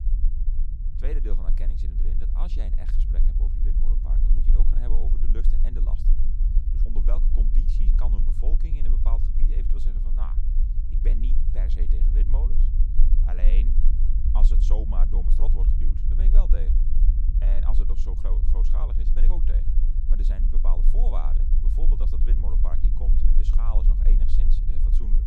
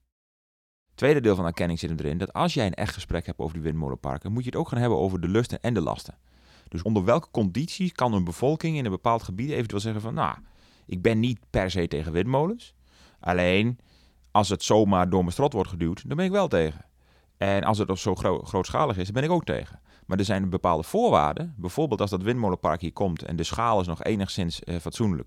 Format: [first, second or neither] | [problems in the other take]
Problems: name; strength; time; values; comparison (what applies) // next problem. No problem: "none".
second | low rumble; loud; throughout; 3 dB below the speech